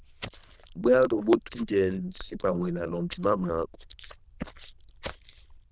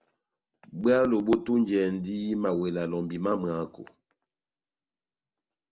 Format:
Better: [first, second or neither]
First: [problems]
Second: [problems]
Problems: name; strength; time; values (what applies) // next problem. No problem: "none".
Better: second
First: noise reduction (neural diffusion model UNIVERSE++)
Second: none